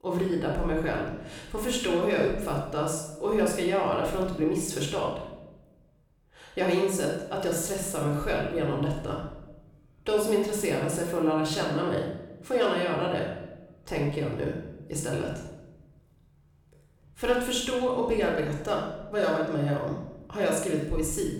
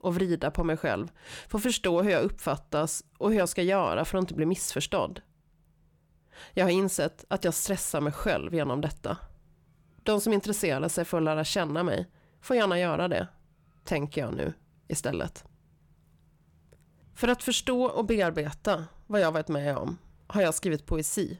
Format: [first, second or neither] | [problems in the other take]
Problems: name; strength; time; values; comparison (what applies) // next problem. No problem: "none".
second | room echo; noticeable; dies away in 0.8 s // off-mic speech; somewhat distant